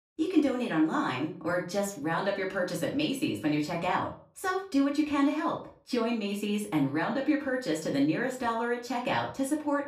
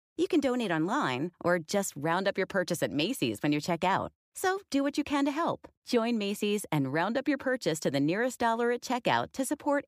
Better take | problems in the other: second | off-mic speech; far // room echo; slight; dies away in 0.3 s

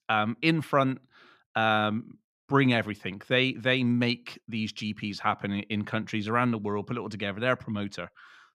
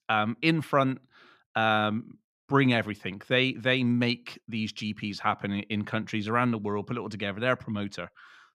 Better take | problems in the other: neither | none

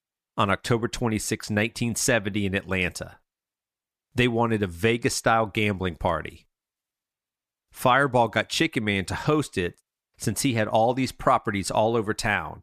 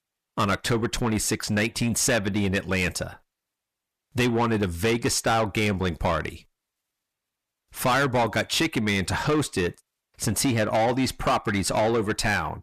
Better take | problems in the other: first | distortion; heavy; 7 dB below the speech

